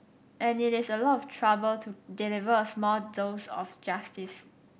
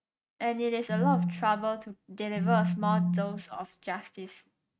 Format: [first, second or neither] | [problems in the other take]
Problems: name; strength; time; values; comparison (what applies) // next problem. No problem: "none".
first | noise reduction (neural mask model RNNoise)